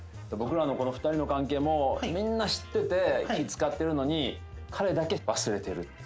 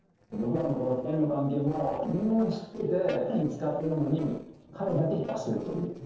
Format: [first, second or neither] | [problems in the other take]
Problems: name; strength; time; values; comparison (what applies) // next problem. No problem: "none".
first | noise reduction (neural separator model SepFormer DNS4)